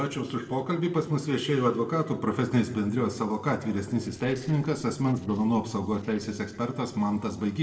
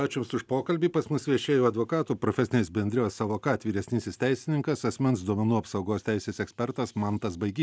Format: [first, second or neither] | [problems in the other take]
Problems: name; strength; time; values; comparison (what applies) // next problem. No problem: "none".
second | noise reduction (neural separator model SepFormer DNS4)